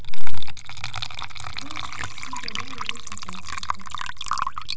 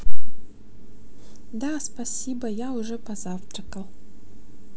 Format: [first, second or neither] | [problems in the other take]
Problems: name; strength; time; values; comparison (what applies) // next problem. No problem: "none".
second | background sound (Water / Liquid); 18 dB below the speech // room echo; dies away in 0.9 s